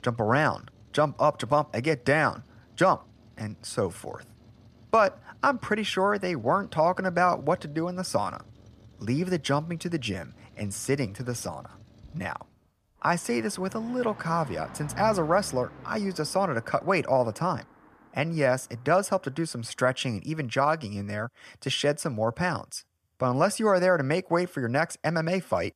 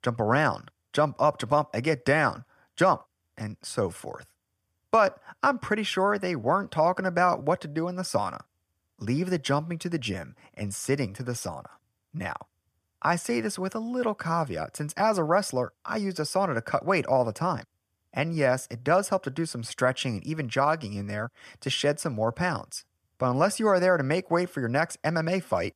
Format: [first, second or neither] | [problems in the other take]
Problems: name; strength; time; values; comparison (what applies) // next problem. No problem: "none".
second | traffic noise; faint; until 20 s; 25 dB below the speech